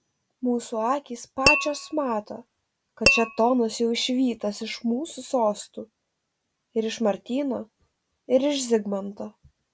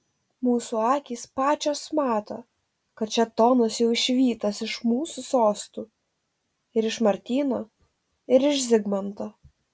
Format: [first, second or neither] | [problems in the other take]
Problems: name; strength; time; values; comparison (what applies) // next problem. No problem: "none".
second | background sound (Tap / Glass); as loud as the speech